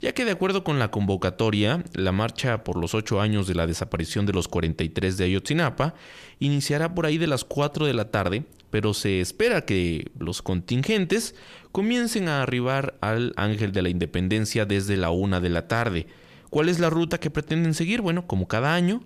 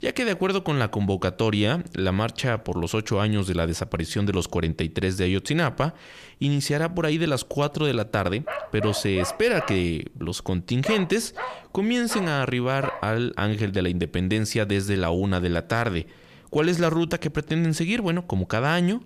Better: first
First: none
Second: dog barking; noticeable; from 8.5 to 13 s; peak 7 dB below the speech

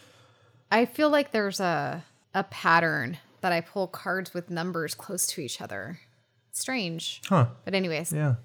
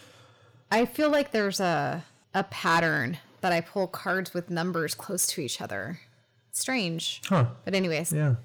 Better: first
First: none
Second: distortion; slight; 10 dB below the speech

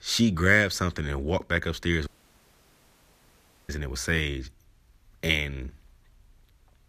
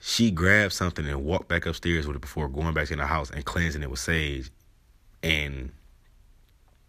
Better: second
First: audio cutting out; at 2 s for 1.5 s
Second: none

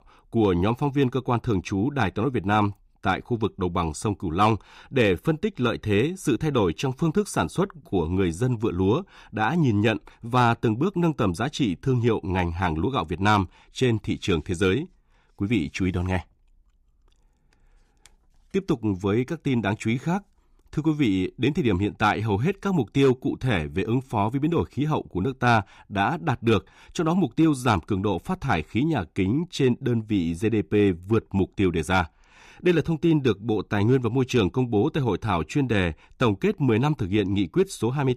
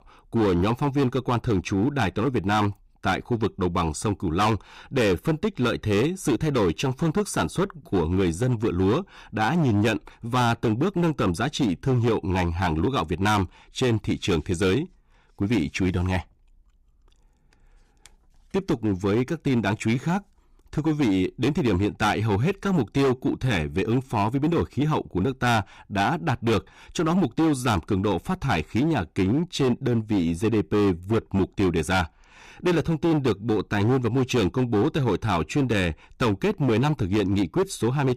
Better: first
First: none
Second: distortion; slight; 13% of the sound clipped

